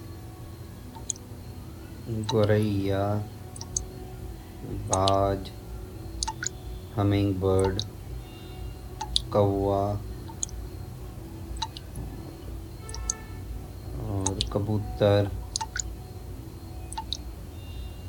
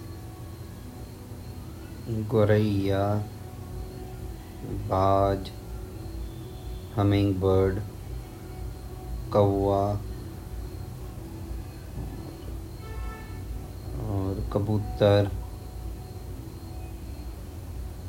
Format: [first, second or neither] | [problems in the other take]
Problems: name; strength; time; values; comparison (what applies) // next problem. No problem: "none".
second | background sound (Drip / Water); 11 dB below the speech